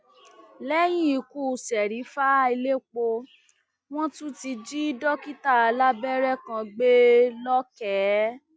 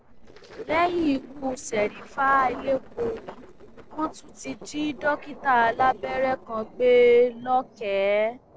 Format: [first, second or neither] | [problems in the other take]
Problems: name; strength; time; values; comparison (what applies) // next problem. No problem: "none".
first | noise reduction (neural separator model SepFormer DNS4)